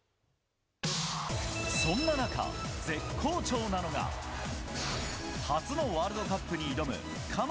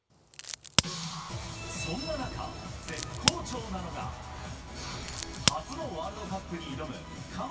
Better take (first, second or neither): first